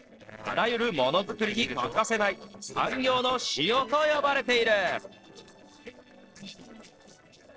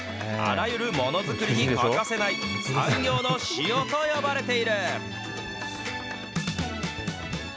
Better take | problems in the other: second | noise reduction (neural separator model SepFormer DNS4)

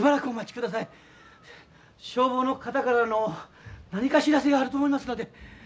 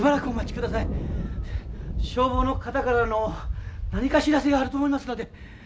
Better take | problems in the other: first | background sound (Thunder); 5 dB below the speech

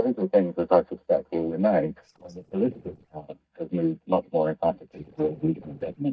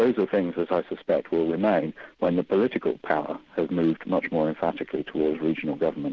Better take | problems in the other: second | noise reduction (neural mask model DeepFilterNet 3)

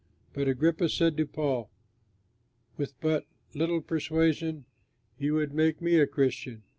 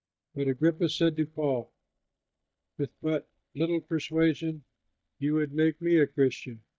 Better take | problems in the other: first | noise reduction (neural mask model DeepFilterNet 3)

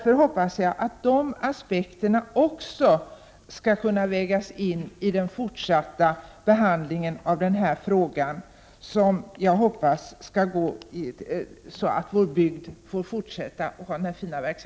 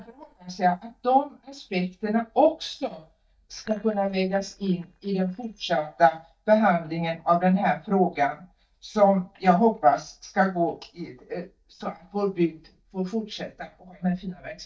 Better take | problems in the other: first | noise reduction (neural mask model DeepFilterNet 3)

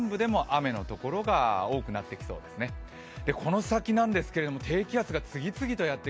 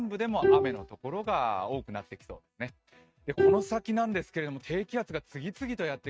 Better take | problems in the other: first | noise reduction (neural mask model RNNoise)

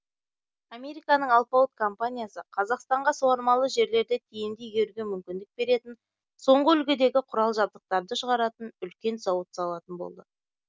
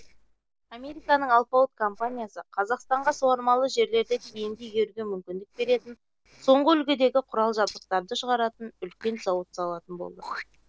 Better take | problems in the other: first | noise reduction (neural separator model SepFormer DNS4)

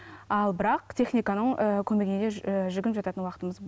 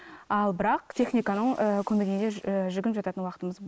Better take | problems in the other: first | noise reduction (neural mask model Resemble Enhance denoiser)

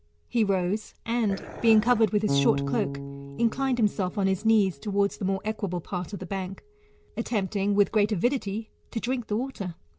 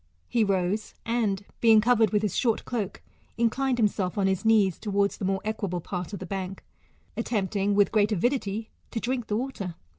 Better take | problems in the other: second | background sound (Bass guitar + Dog); 11 dB below the speech

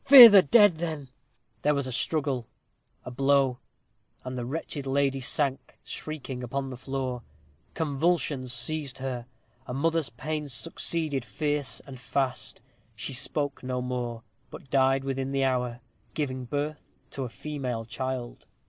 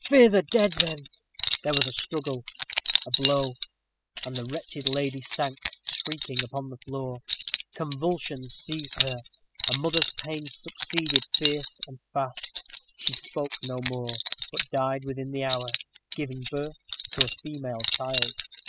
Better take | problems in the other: first | noise reduction (classical method spectral subtraction)

